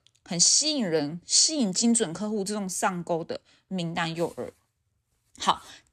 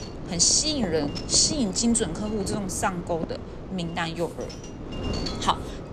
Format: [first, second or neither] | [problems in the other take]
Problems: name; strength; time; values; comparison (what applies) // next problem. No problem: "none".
first | wind noise on the microphone; occasional gusts; 10 dB below the speech